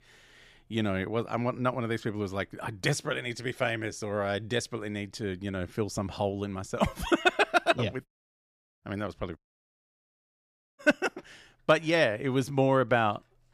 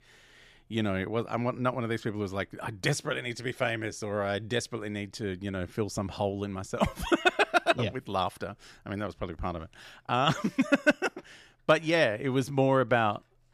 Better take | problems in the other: second | audio cutting out; at 8 s for 1 s and at 9.5 s for 1.5 s

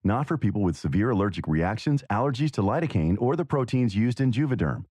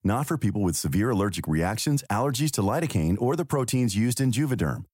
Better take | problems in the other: second | muffled; slightly; fading above 3 kHz

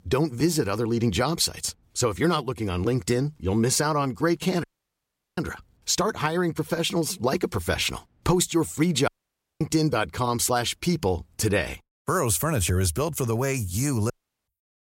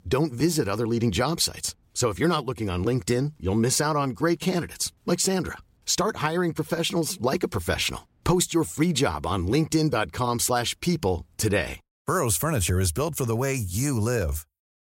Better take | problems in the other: second | audio cutting out; at 4.5 s for 0.5 s, at 9 s for 0.5 s and at 14 s

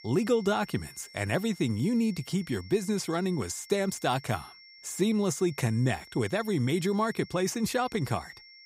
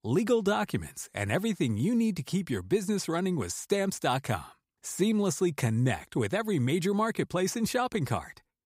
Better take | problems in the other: second | high-pitched whine; faint; throughout; 5.5 kHz, 20 dB below the speech

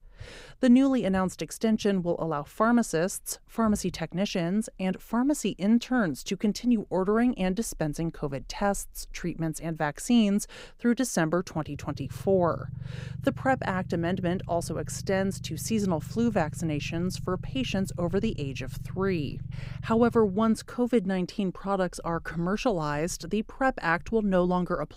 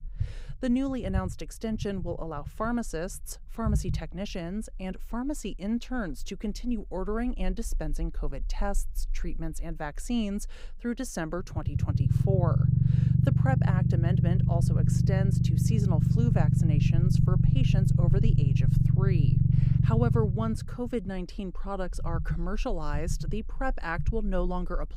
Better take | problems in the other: first | low rumble; loud; throughout; as loud as the speech; faint in the first

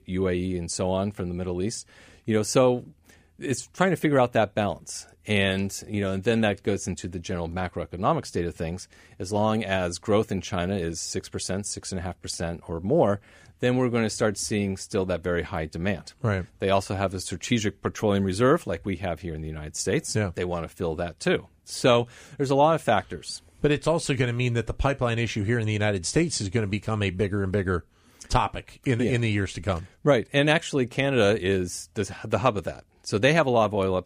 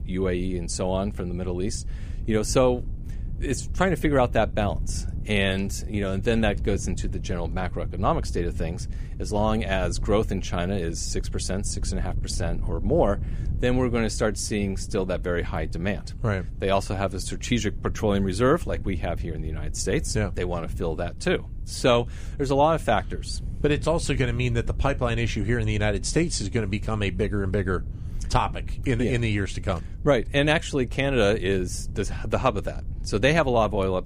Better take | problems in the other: first | wind noise on the microphone; occasional gusts; 20 dB below the speech

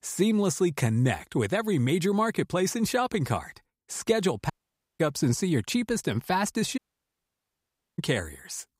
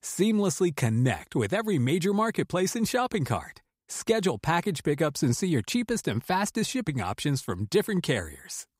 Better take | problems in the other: second | audio cutting out; at 4.5 s and at 7 s for 1 s

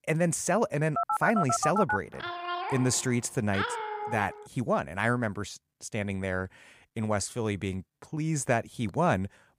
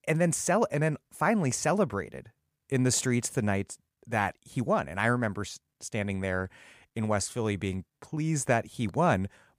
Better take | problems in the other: second | phone ringing; loud; from 1 to 4.5 s; peak 1 dB above the speech

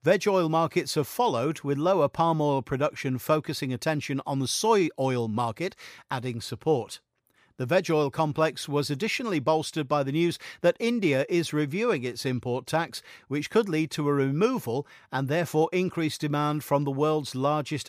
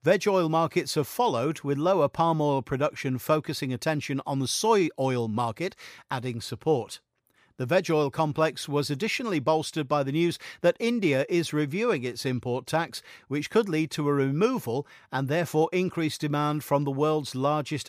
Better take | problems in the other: neither | none

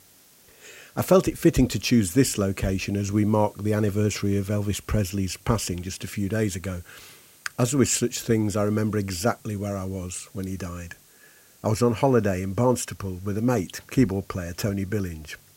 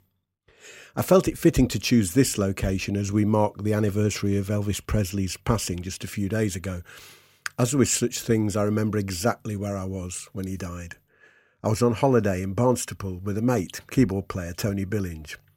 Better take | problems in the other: second | hiss; faint; throughout; 25 dB below the speech

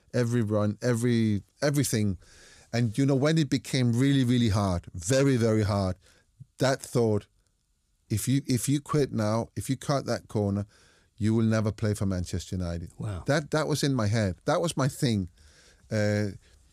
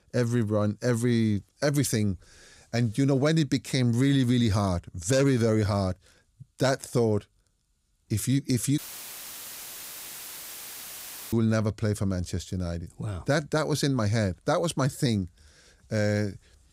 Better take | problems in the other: first | audio cutting out; filled with static; at 9 s for 2.5 s

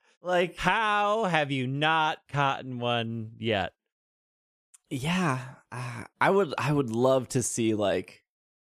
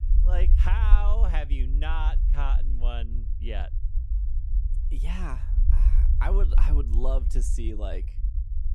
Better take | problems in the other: first | low rumble; noticeable; throughout; 10 dB below the speech

